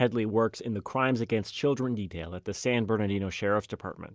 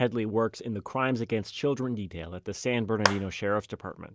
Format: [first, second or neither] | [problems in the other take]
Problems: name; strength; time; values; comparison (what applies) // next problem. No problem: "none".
first | background sound (Clapping); 4 dB below the speech